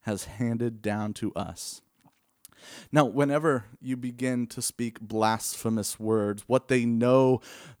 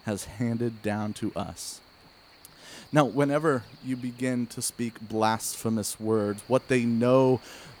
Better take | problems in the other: first | animal sounds; faint; throughout; 25 dB below the speech

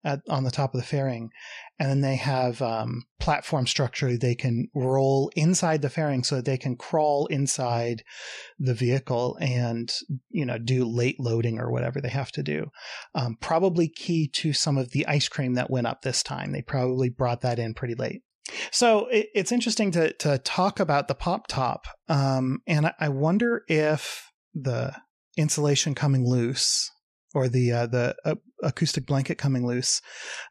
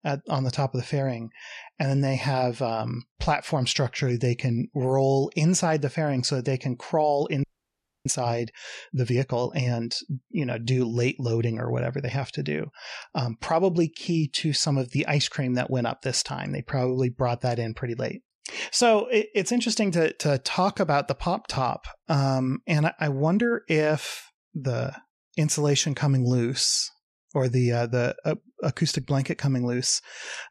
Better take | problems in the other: first | audio freezing; at 7.5 s for 0.5 s

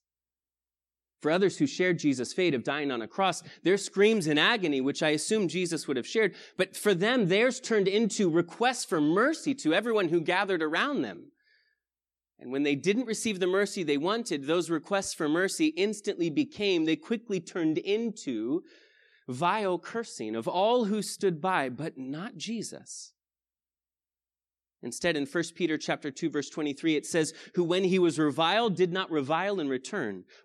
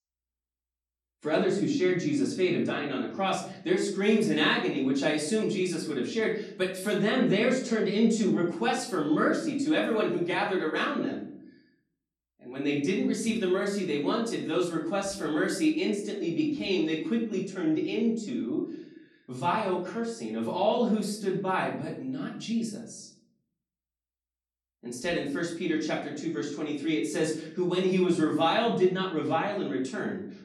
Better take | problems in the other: first | room echo; noticeable; dies away in 0.6 s // off-mic speech; far

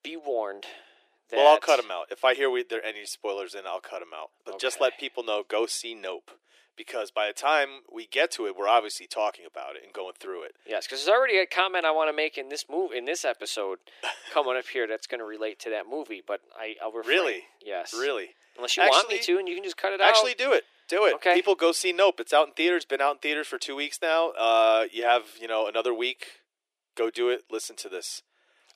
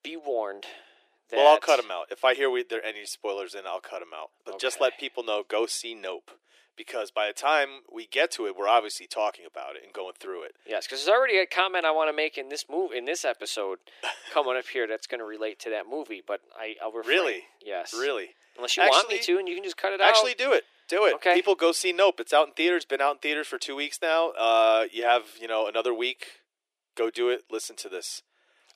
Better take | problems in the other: neither | thin; very; fading below 350 Hz; the same in both

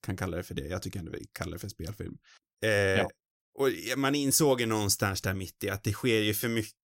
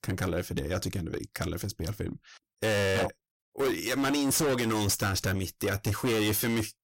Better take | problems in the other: first | distortion; heavy; 19% of the sound clipped

